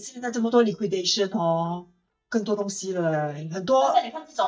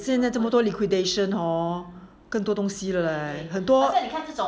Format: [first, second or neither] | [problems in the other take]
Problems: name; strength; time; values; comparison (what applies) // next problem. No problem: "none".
second | noise reduction (neural mask model DeepFilterNet 3)